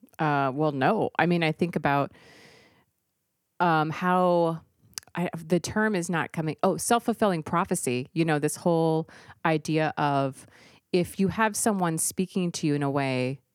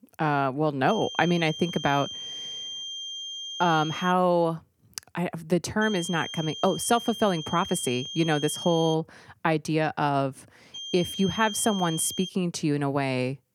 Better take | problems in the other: first | high-pitched whine; loud; from 1 to 4 s, from 6 to 9 s and from 11 to 12 s; 3 kHz, 9 dB below the speech

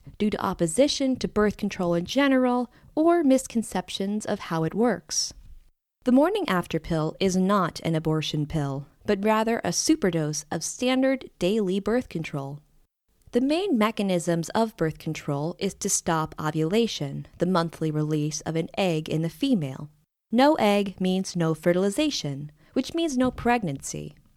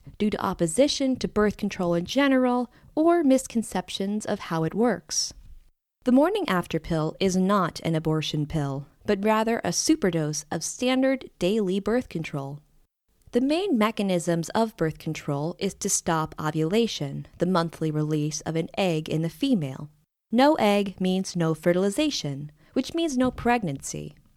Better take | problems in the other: neither | none

